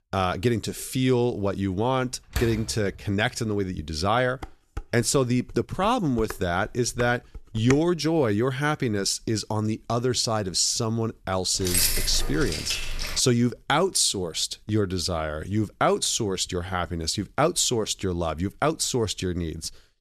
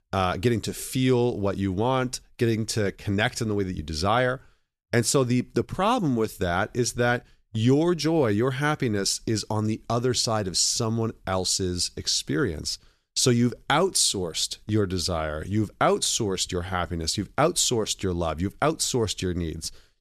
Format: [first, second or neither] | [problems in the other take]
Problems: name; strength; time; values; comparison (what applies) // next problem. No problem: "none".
second | door banging; noticeable; at 2.5 s; peak 7 dB below the speech // clattering dishes; noticeable; from 4.5 to 8 s; peak 7 dB below the speech // jangling keys; loud; from 12 to 13 s; peak 3 dB above the speech